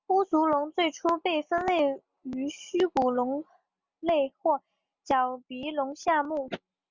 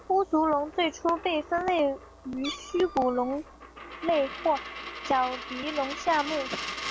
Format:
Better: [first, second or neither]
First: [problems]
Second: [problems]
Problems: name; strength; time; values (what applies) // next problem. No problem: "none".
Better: first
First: none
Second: background sound (Coin (dropping) + Meow); 11 dB below the speech